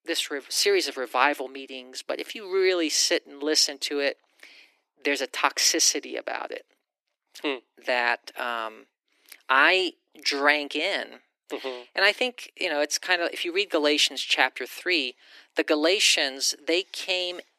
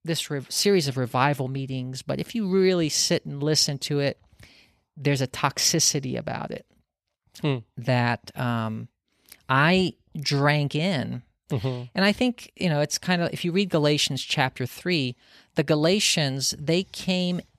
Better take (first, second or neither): second